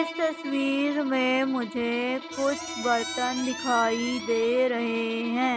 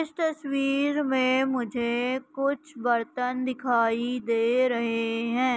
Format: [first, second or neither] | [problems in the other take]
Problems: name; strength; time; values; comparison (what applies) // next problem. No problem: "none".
second | background sound (Bowed string instrument + Squeak); 10 dB below the speech